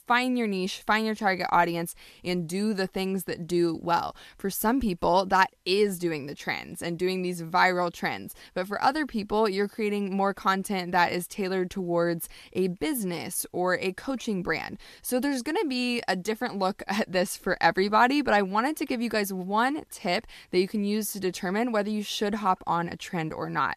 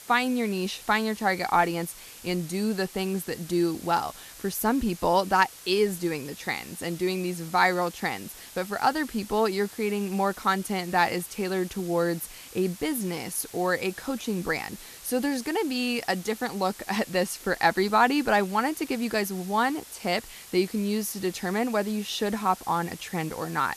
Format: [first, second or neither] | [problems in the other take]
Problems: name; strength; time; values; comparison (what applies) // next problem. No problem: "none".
first | hiss; noticeable; throughout; 15 dB below the speech